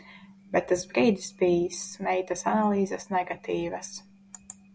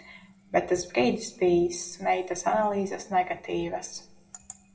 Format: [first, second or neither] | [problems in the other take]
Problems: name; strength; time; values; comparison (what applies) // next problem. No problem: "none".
first | room echo; dies away in 0.4 s